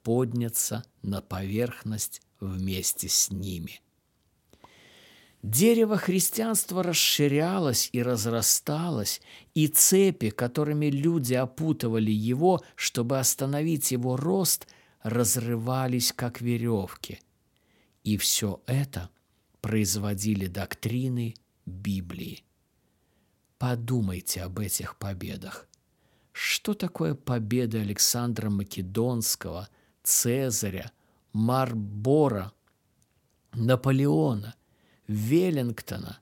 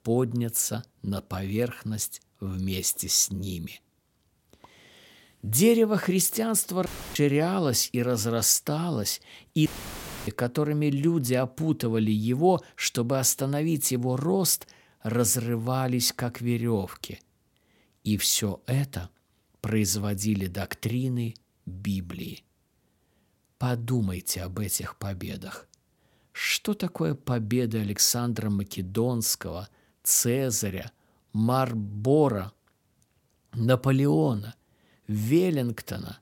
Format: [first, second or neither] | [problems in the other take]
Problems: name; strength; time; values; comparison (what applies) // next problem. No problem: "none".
first | audio cutting out; filled with static; at 7 s and at 9.5 s for 0.5 s